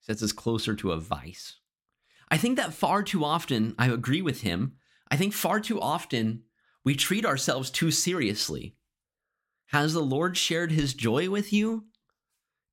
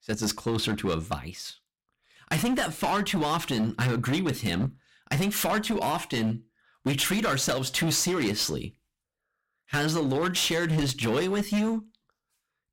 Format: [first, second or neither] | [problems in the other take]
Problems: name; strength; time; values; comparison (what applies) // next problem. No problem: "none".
first | distortion; heavy; 14% of the sound clipped